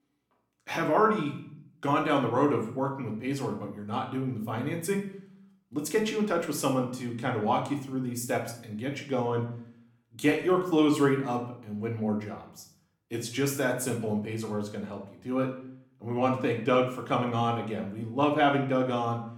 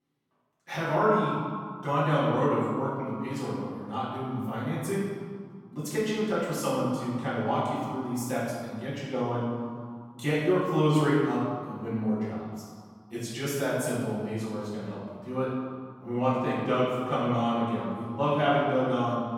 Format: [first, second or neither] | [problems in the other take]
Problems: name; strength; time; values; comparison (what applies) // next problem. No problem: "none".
first | room echo; strong; dies away in 1.8 s; slight in the first // off-mic speech; far; somewhat distant in the first